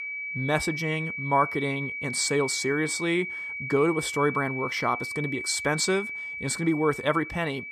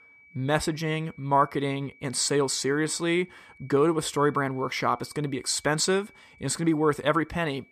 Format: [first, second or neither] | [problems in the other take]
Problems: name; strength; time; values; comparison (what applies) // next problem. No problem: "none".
second | high-pitched whine; loud; throughout; 2.5 kHz, 5 dB below the speech; faint in the second